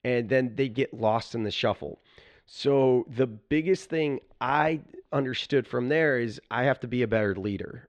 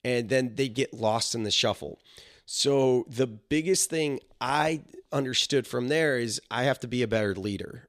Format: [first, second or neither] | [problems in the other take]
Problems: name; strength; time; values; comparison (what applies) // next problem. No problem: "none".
second | muffled; very; fading above 2 kHz